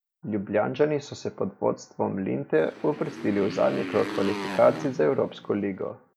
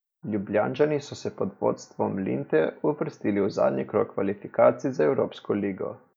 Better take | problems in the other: second | background sound (Motorcycle); 10 dB below the speech

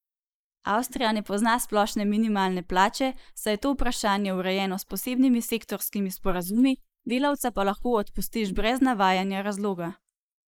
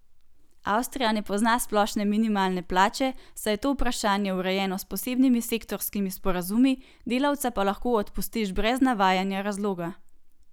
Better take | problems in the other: second | noise reduction (neural mask model Resemble Enhance denoiser)

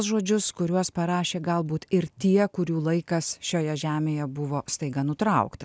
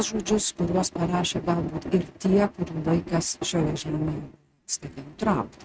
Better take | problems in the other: first | noise reduction (neural mask model RNNoise)

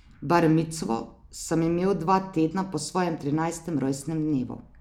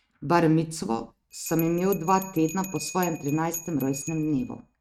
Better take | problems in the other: first | noise reduction (neural mask model RNNoise)

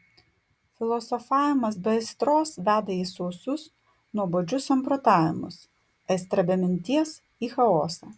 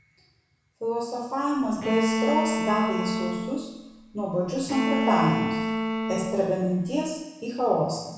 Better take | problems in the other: first | background sound (Bowed string instrument); 1 dB below the speech // room echo; dies away in 1 s

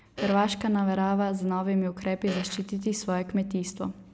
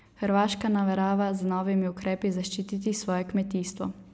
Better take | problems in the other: second | background sound (Fart); 15 dB below the speech

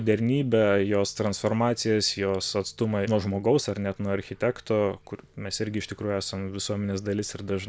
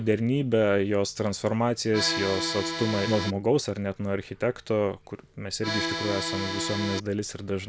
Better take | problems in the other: first | background sound (Accordion); 4 dB below the speech

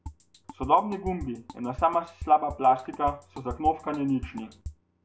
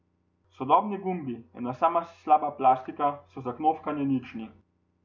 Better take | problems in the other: second | background sound (Drum kit); 14 dB below the speech

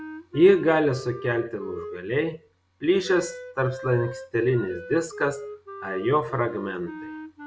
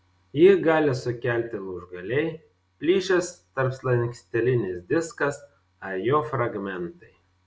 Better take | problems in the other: second | background sound (Wind instrument, woodwind instrument); 14 dB below the speech

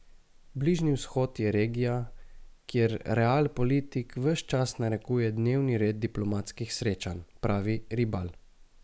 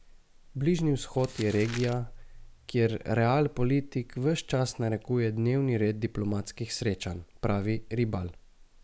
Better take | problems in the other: first | background sound (Crumpling, crinkling); 18 dB below the speech

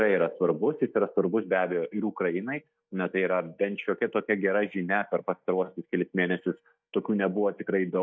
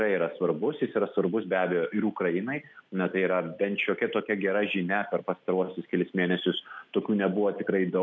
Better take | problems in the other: second | noise reduction (neural mask model DeepFilterNet 3)

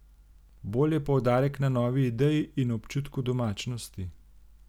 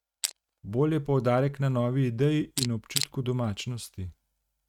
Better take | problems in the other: first | noise reduction (neural mask model RNNoise)

